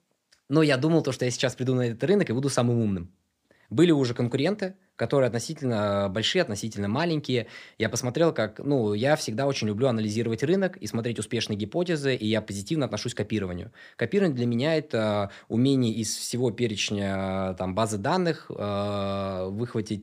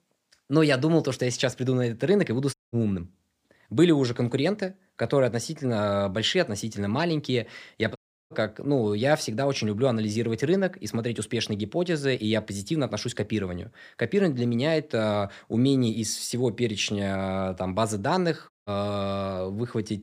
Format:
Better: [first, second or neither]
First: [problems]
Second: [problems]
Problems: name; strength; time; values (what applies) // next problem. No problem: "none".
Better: first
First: none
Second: audio cutting out; at 2.5 s, at 8 s and at 19 s